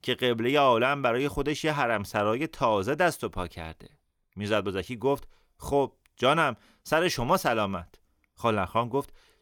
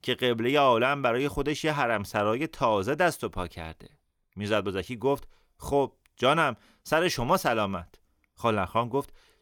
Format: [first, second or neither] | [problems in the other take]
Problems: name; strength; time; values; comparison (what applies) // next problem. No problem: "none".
neither | none